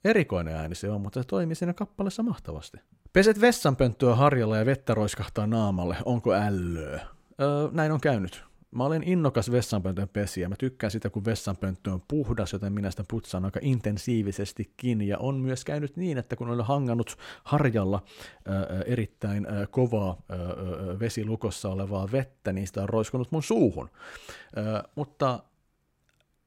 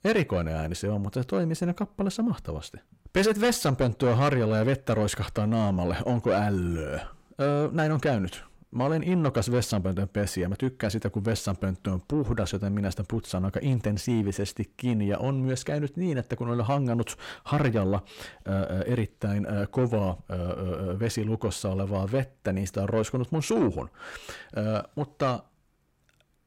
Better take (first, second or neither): first